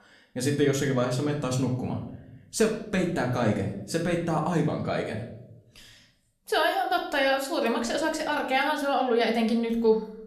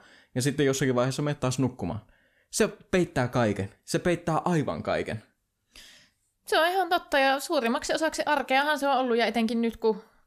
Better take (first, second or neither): second